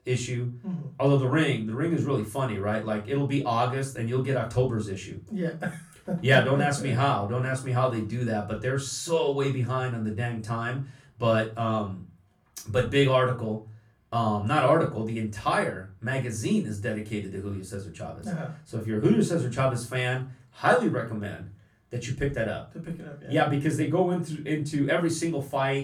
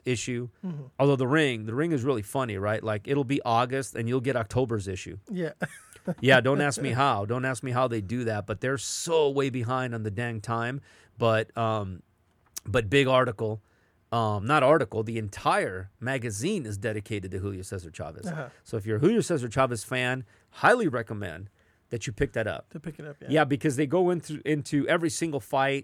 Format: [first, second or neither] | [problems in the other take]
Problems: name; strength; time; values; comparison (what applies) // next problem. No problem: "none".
second | off-mic speech; far // room echo; very slight; dies away in 0.3 s